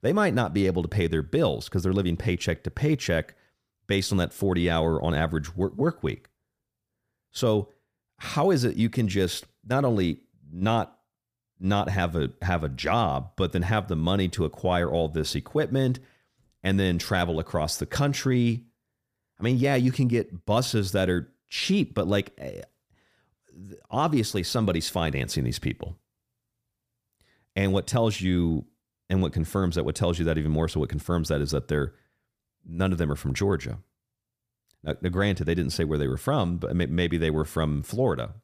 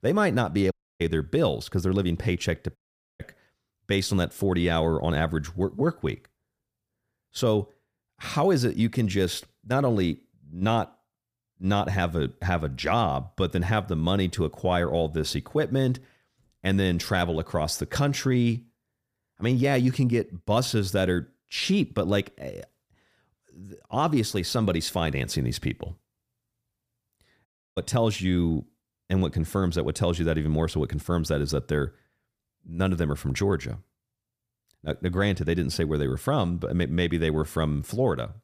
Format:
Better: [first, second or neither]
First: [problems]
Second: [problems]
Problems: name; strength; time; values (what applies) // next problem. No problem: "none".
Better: first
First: none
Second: audio cutting out; at 0.5 s, at 3 s and at 27 s